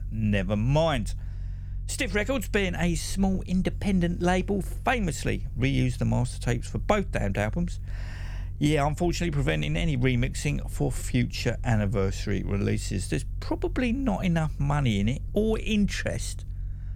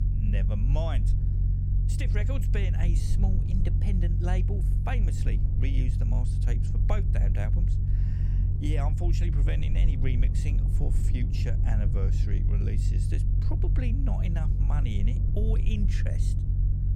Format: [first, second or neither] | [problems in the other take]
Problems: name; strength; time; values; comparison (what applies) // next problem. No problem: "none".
first | low rumble; loud; throughout; 2 dB below the speech; faint in the first